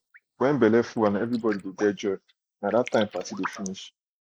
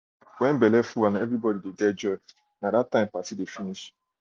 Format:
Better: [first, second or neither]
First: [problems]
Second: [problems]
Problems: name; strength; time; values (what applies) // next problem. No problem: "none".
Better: second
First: noise reduction (neural mask model Resemble Enhance denoiser)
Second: none